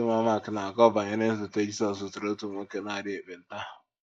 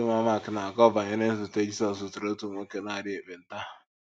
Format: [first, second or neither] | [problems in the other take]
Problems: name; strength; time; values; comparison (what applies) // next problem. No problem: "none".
second | noise reduction (neural mask model Resemble Enhance denoiser)